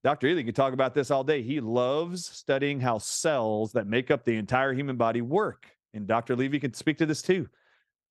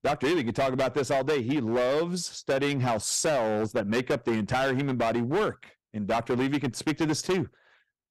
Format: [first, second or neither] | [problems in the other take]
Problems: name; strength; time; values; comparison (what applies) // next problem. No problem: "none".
first | distortion; heavy; 17% of the sound clipped